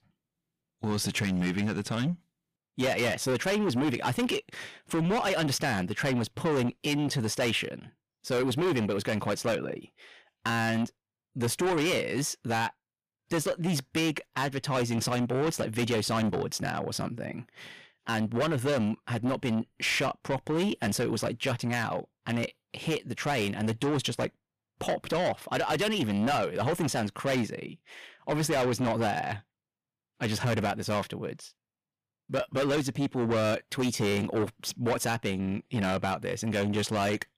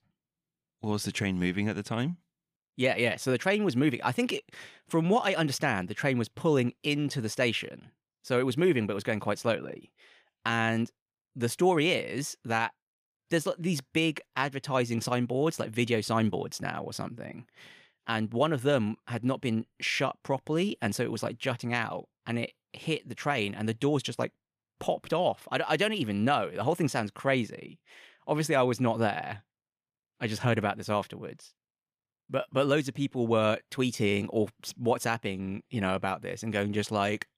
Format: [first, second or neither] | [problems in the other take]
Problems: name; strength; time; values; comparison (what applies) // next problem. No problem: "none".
second | distortion; heavy; 6 dB below the speech